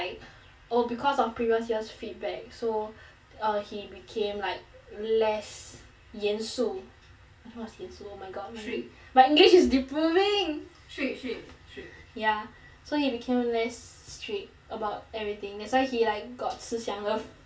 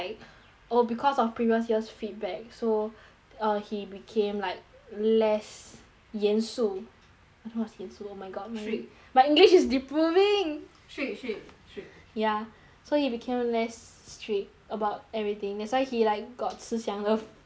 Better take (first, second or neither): second